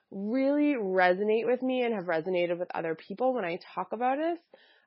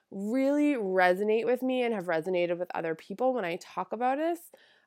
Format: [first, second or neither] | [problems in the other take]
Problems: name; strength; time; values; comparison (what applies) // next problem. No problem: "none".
second | garbled, watery; badly; nothing above 5.5 kHz